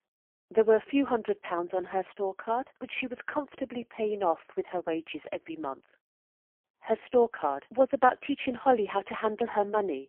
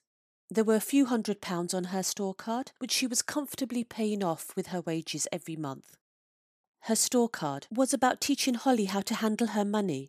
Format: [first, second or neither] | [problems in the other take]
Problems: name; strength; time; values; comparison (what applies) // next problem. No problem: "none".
second | phone-call audio; poor line; nothing above 3 kHz